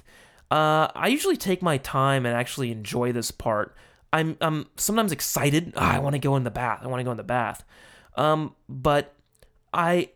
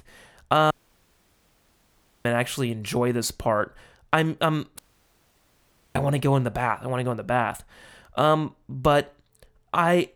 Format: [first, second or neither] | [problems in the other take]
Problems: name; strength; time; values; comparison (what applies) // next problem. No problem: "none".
first | audio cutting out; at 0.5 s for 1.5 s and at 5 s for 1 s